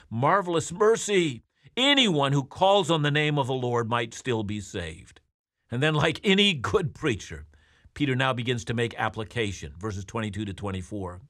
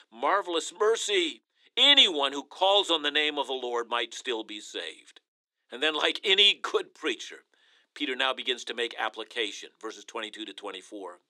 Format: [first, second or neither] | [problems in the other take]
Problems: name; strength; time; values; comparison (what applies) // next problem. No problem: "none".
first | thin; somewhat; fading below 300 Hz